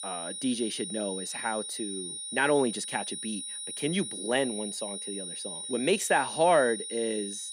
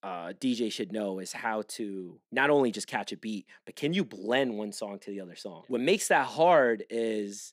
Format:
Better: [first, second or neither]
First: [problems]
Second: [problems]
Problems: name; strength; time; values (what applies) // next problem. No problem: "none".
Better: second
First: high-pitched whine; loud; throughout; 9.5 kHz, 6 dB below the speech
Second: none